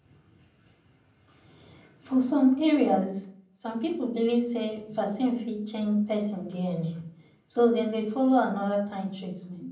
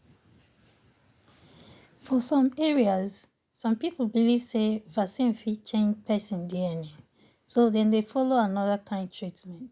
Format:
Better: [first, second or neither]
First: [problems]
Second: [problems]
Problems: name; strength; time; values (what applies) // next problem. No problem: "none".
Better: second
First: room echo; dies away in 0.6 s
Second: none